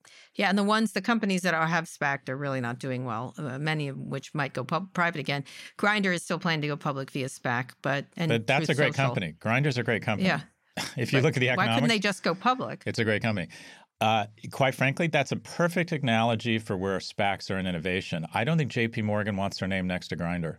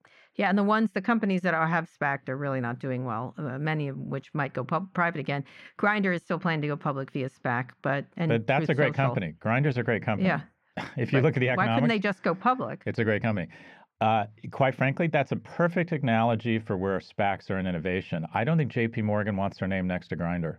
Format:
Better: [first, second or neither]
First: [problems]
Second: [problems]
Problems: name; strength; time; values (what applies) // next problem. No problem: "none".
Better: first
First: none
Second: muffled; slightly; fading above 4 kHz